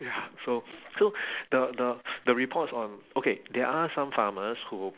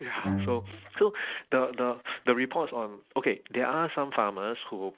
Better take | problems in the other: first | noise reduction (neural mask model RNNoise)

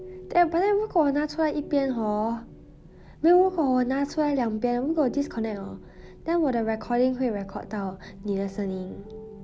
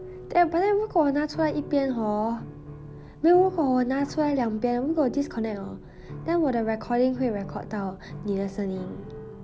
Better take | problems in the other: first | background sound (Piano); 18 dB below the speech

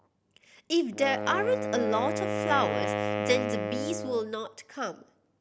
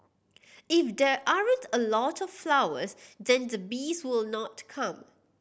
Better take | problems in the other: second | background sound (Wind instrument, woodwind instrument); 2 dB below the speech

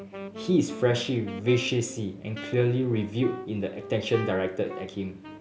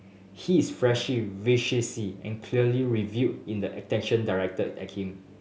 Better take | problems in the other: second | background sound (Wind instrument, woodwind instrument); 13 dB below the speech

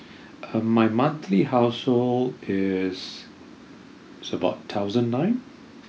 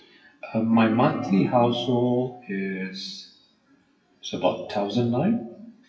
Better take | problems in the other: first | noise reduction (classical method WPE with log-MMSE)

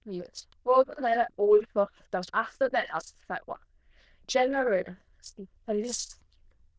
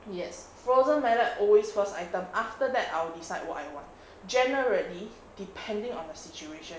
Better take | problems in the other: second | noise reduction (neural diffusion model UNIVERSE++)

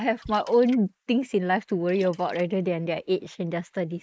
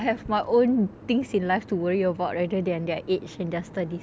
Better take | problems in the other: second | noise reduction (neural mask model Resemble Enhance denoiser)

